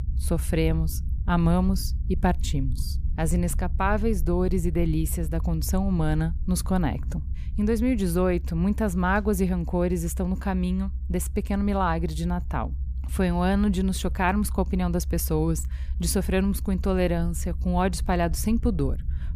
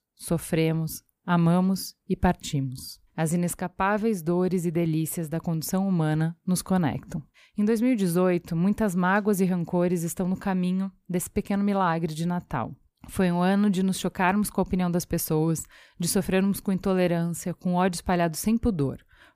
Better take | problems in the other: second | low rumble; faint; throughout; 20 dB below the speech

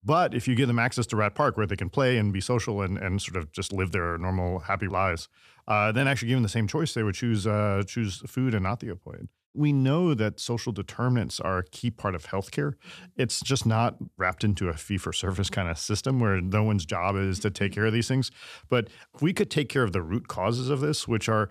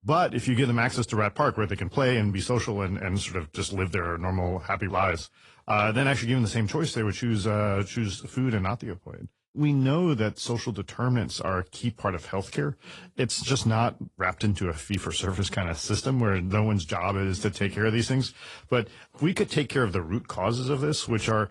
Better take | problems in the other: first | garbled, watery; slightly

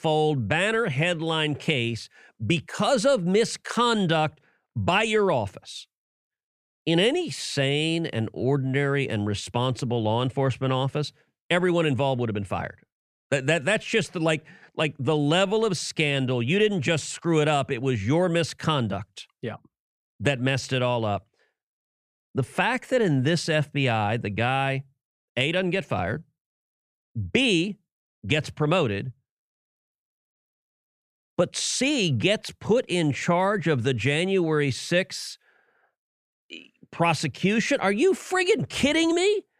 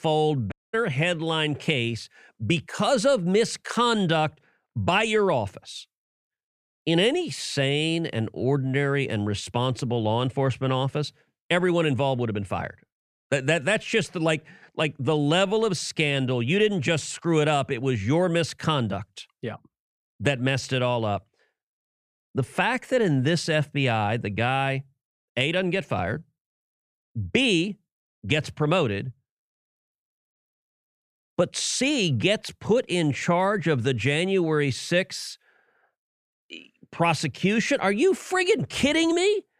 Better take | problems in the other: first | audio cutting out; at 0.5 s

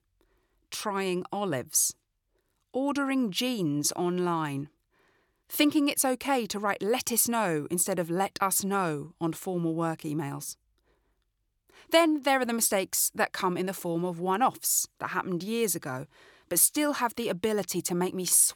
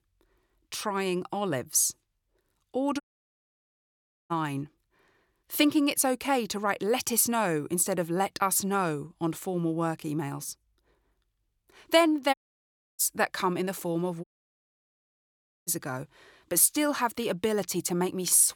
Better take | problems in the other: first | audio cutting out; at 3 s for 1.5 s, at 12 s for 0.5 s and at 14 s for 1.5 s

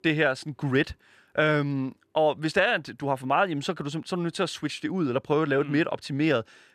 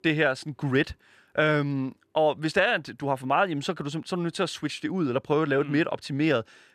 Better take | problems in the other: neither | none

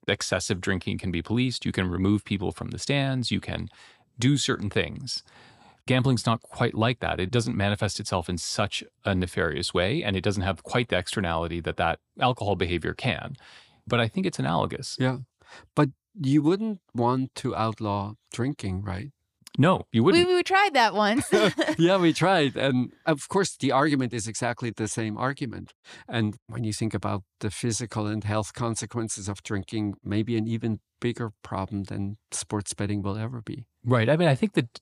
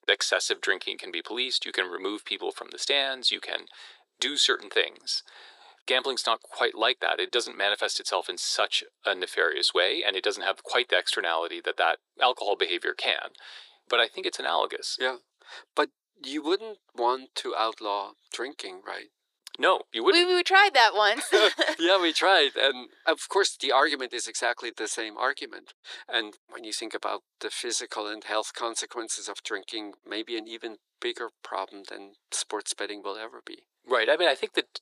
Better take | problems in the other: first | thin; very; fading below 400 Hz

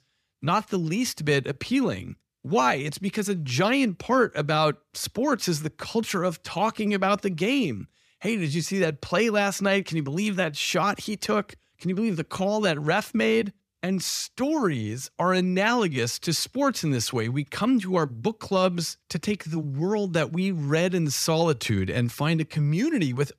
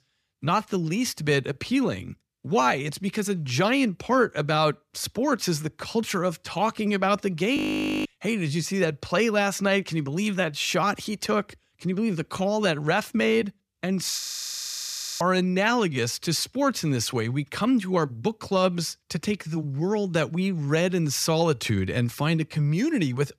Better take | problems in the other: first | audio freezing; at 7.5 s and at 14 s for 1 s

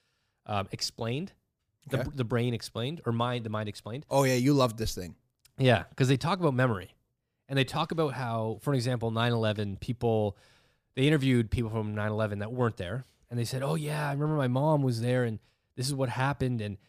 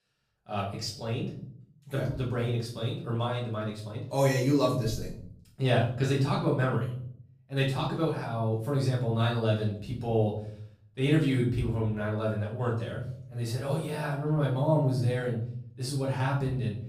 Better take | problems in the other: first | off-mic speech; far // room echo; noticeable; dies away in 0.6 s

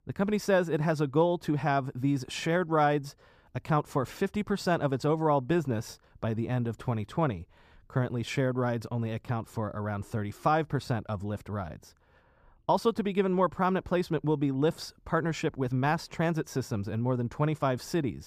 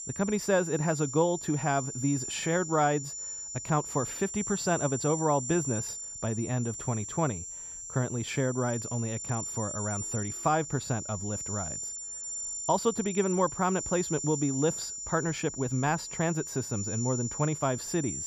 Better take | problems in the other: first | high-pitched whine; loud; throughout; 7 kHz, 5 dB below the speech

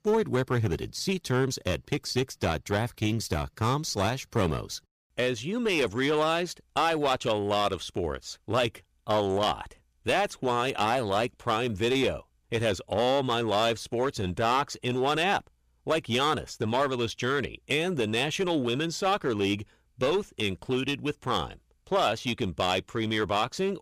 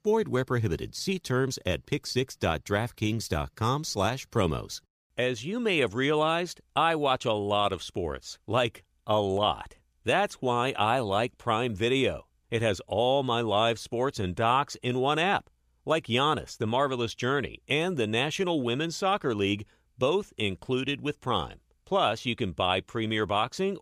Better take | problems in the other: second | distortion; slight; 6% of the sound clipped

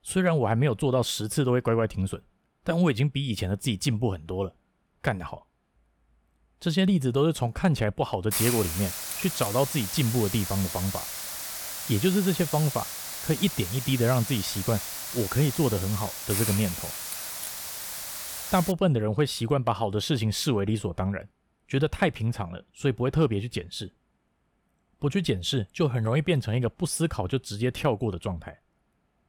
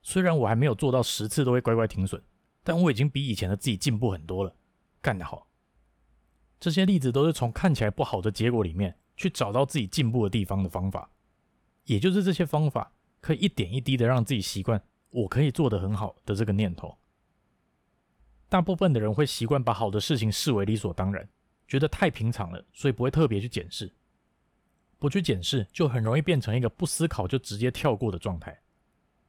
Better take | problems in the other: second | hiss; loud; from 8.5 to 19 s; 5 dB below the speech

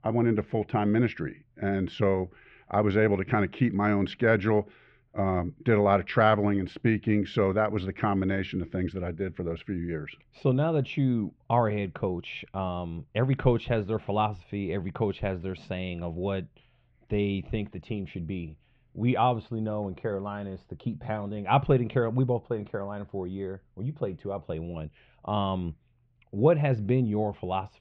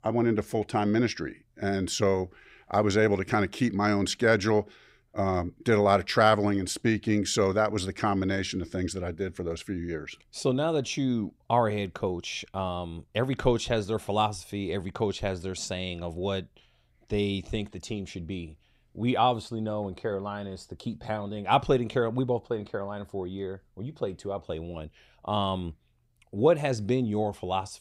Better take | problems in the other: second | muffled; very; fading above 2.5 kHz

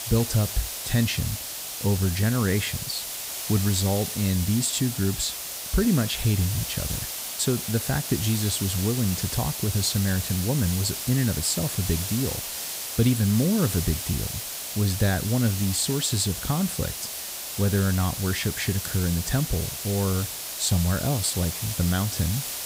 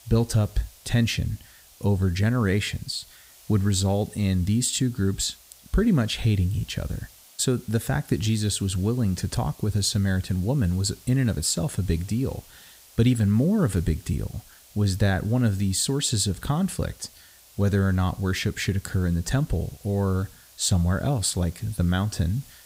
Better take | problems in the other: second | hiss; loud; throughout; 4 dB below the speech; faint in the second

